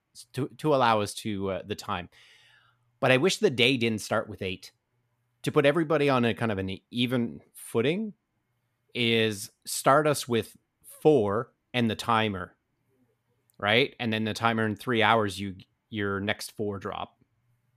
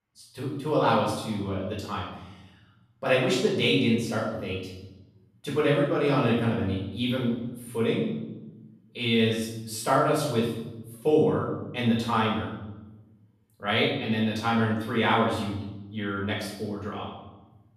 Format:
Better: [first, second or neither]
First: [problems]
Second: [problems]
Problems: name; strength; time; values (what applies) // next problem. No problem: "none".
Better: first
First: none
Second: off-mic speech; far // room echo; noticeable; dies away in 1 s